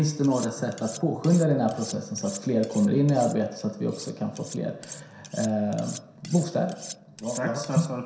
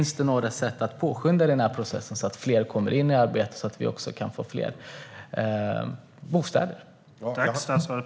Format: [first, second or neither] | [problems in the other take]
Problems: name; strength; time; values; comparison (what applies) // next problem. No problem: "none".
second | background sound (Cutlery, silverware); 17 dB below the speech // room echo; dies away in 0.7 s